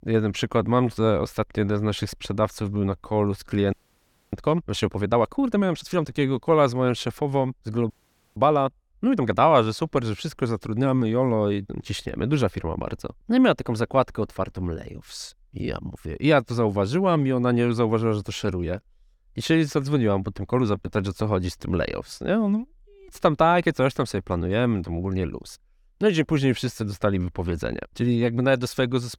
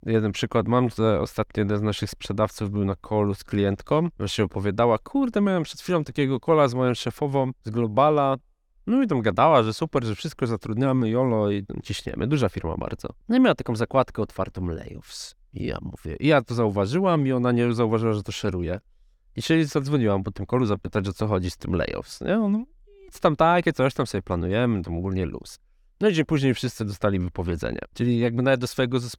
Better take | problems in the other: second | audio freezing; at 3.5 s for 0.5 s and at 8 s

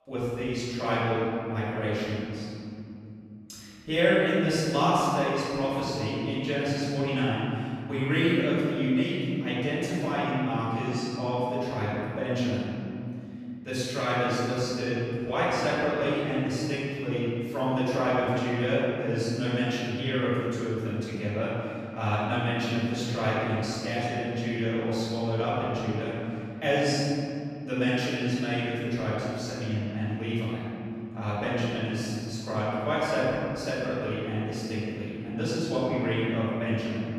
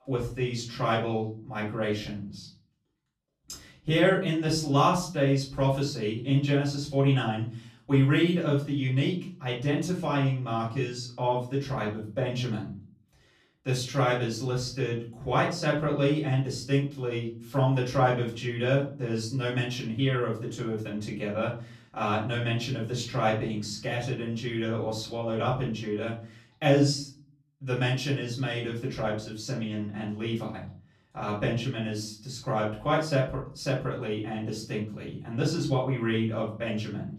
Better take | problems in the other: second | room echo; strong; dies away in 3 s; slight in the second // off-mic speech; far; far in the second

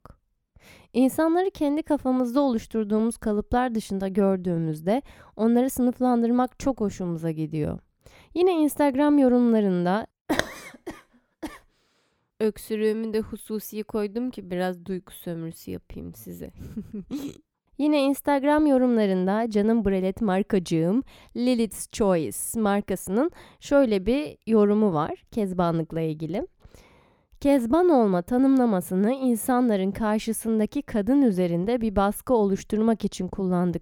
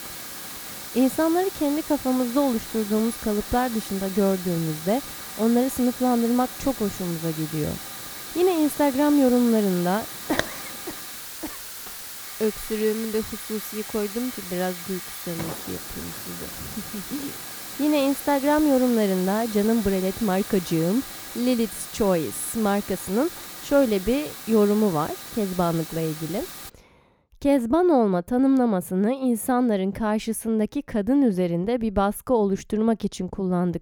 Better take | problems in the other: first | hiss; noticeable; until 27 s; 10 dB below the speech

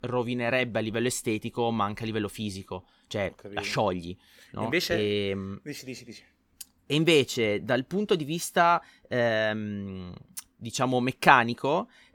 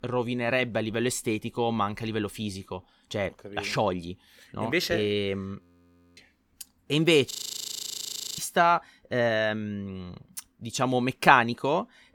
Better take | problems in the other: first | audio freezing; at 5.5 s for 0.5 s and at 7.5 s for 1 s

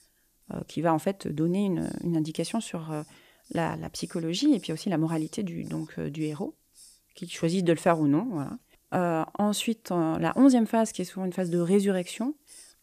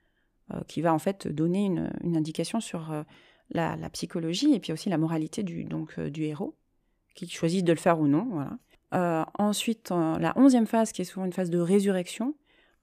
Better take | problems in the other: second | hiss; faint; throughout; 25 dB below the speech

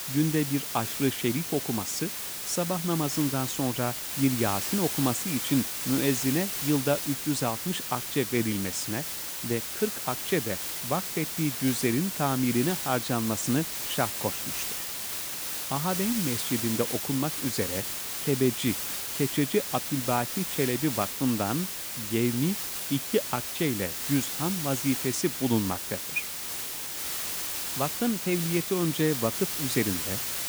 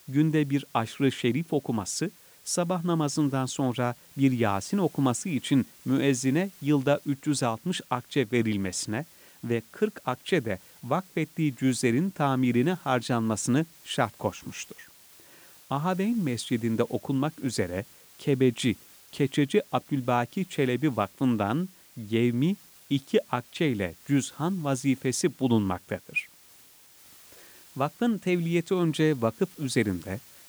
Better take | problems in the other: second | hiss; loud; throughout; 2 dB below the speech; faint in the second

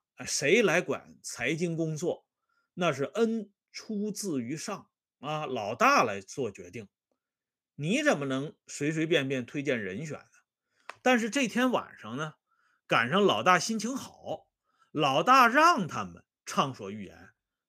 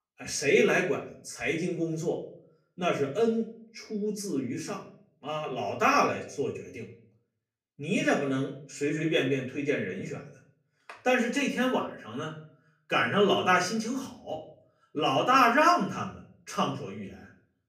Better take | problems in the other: first | off-mic speech; far // room echo; slight; dies away in 0.4 s

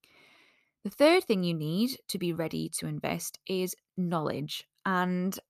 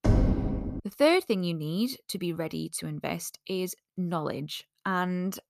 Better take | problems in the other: first | door banging; loud; at the start; peak 5 dB above the speech

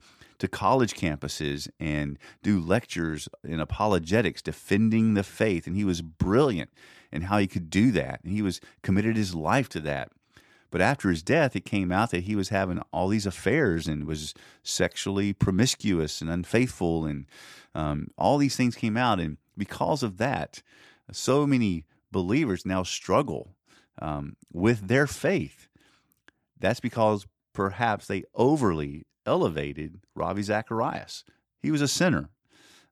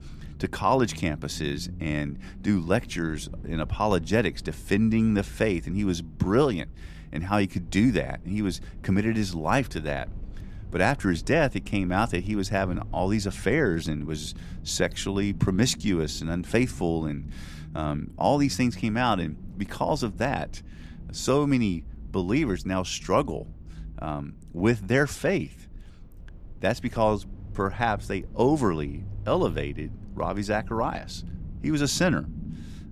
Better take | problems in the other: first | low rumble; faint; throughout; 25 dB below the speech

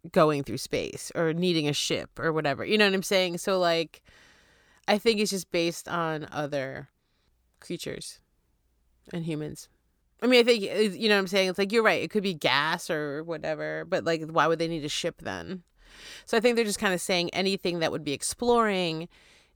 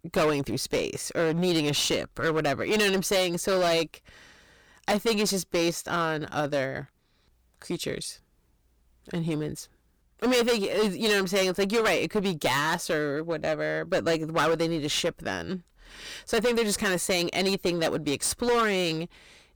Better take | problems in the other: first | distortion; heavy; 12% of the sound clipped

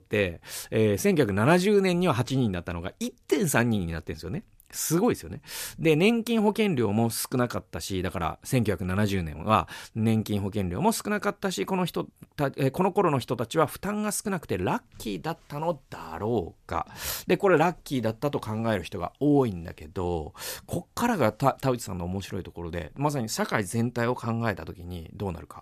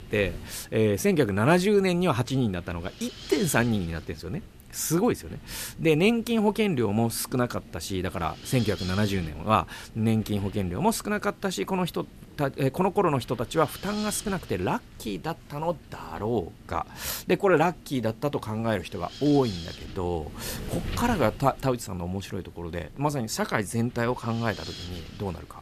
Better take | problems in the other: first | wind noise on the microphone; occasional gusts; 15 dB below the speech

